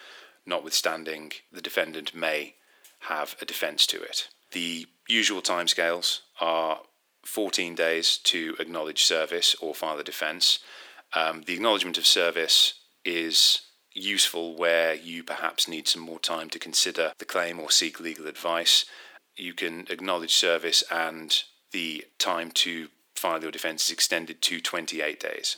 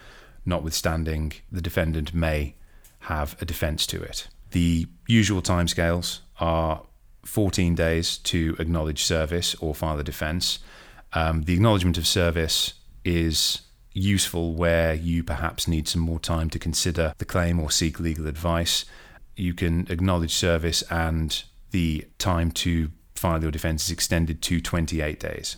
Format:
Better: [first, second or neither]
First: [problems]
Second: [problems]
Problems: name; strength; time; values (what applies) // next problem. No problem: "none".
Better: second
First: thin; very; fading below 350 Hz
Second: none